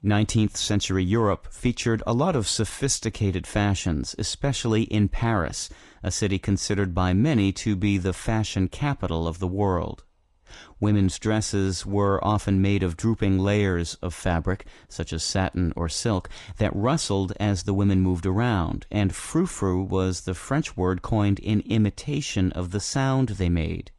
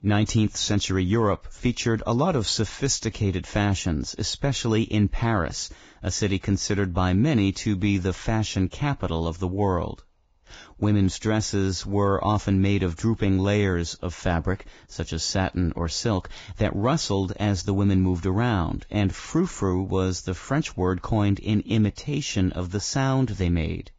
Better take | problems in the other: first | garbled, watery; badly; nothing above 7.5 kHz; slightly in the first

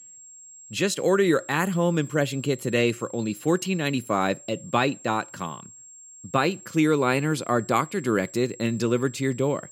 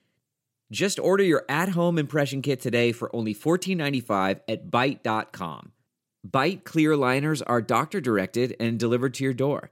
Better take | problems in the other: second | high-pitched whine; noticeable; throughout; 7.5 kHz, 20 dB below the speech

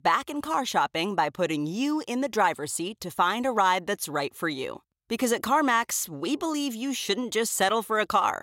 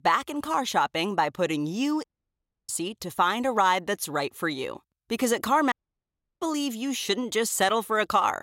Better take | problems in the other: first | audio cutting out; at 2 s for 0.5 s and at 5.5 s for 0.5 s

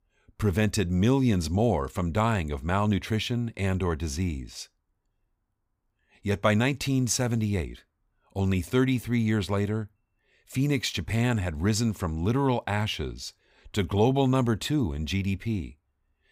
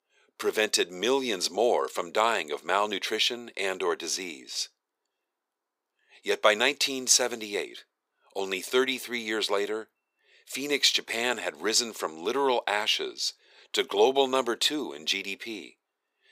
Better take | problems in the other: first | thin; very; fading below 400 Hz

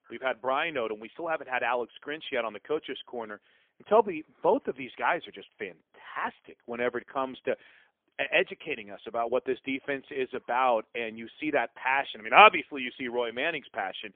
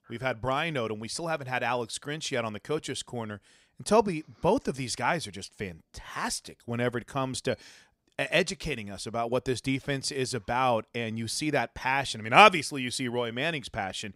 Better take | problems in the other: second | phone-call audio; poor line; nothing above 3.5 kHz

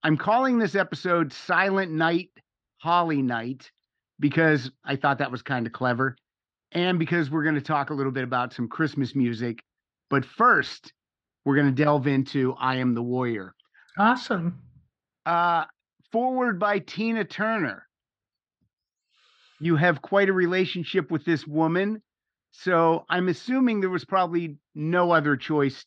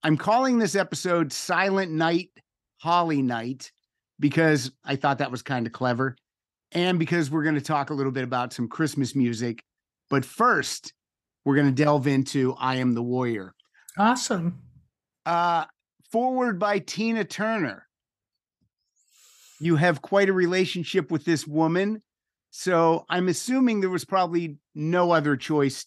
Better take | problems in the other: second | muffled; slightly; fading above 4 kHz

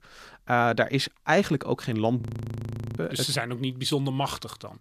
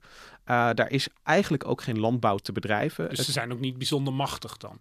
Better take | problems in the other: second | audio freezing; at 2 s for 1 s

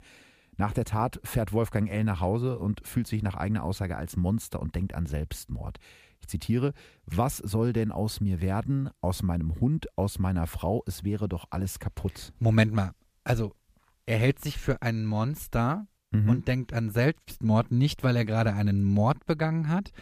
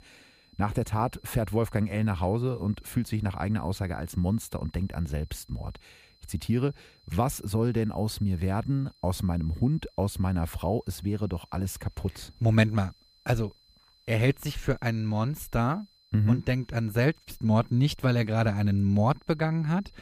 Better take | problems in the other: first | high-pitched whine; faint; throughout; 4 kHz, 30 dB below the speech

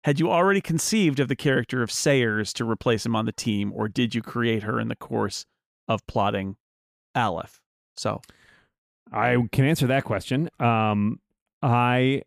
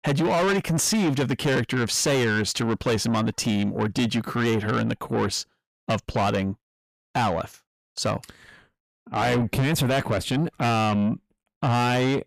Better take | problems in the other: first | distortion; heavy; 7 dB below the speech

